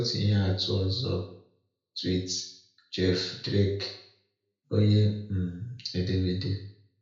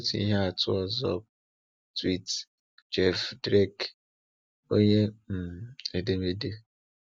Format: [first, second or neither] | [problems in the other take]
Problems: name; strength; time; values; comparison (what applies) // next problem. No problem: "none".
second | room echo; dies away in 0.5 s